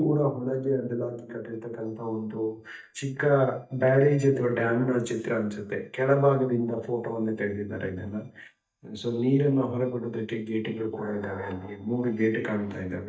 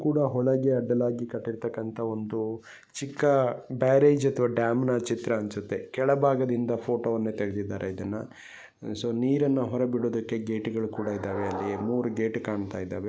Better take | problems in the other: second | noise reduction (neural mask model DeepFilterNet 3)

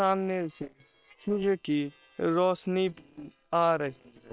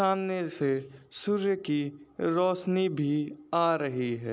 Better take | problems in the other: second | noise reduction (neural separator model SepFormer WHAM!)

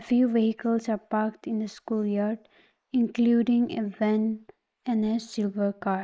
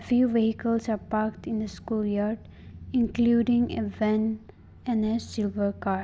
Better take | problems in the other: second | noise reduction (neural mask model Resemble Enhance denoiser)

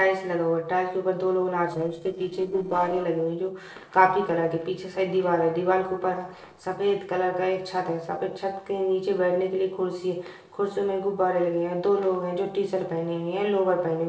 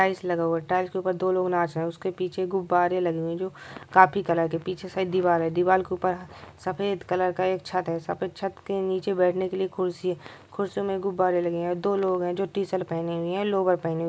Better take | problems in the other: second | noise reduction (neural separator model SepFormer DNS4)

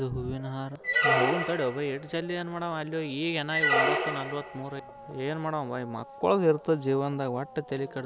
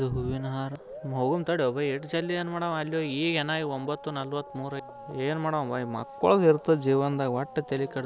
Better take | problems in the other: second | background sound (Squeak); as loud as the speech

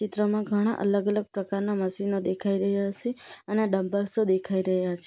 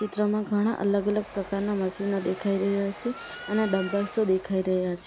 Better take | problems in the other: first | background sound (Cat + Train); 16 dB below the speech

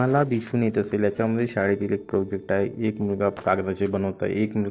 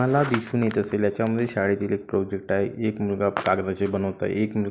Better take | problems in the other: second | noise reduction (neural separator model SepFormer DNS4)

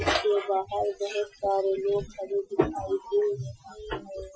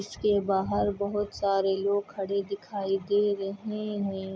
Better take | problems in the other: second | noise reduction (classical method Wiener filter)

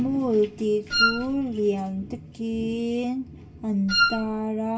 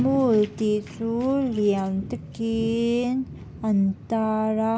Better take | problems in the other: second | background sound (Wind instrument, woodwind instrument); 2 dB above the speech // room echo; dies away in 0.2 s

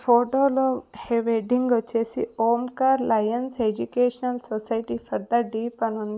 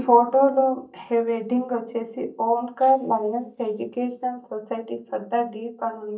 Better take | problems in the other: first | noise reduction (neural mask model DeepFilterNet 3)

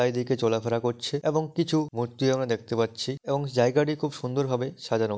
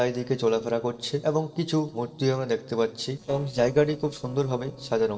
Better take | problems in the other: first | noise reduction (neural separator model SepFormer DNS4)

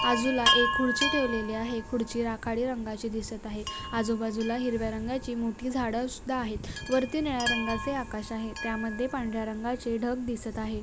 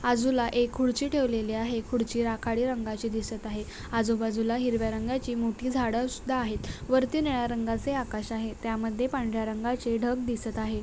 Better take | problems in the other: second | background sound (Chime); 4 dB below the speech

